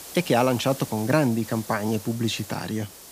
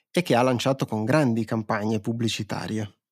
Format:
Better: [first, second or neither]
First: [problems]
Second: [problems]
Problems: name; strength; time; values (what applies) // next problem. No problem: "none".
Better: second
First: hiss; noticeable; throughout; 15 dB below the speech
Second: none